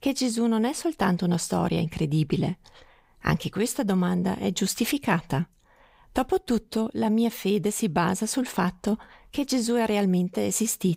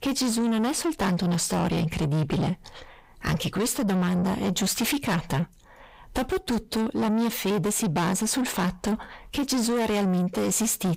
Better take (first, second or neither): first